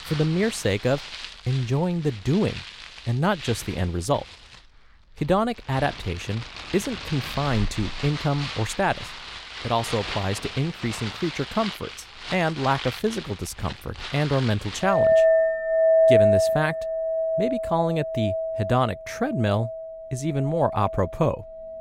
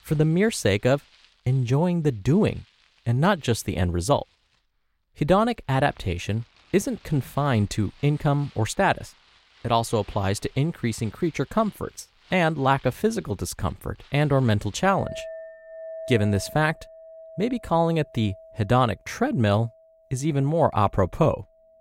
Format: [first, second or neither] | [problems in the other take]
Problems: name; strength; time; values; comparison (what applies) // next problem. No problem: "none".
second | household noises; loud; throughout; 1 dB below the speech; faint in the second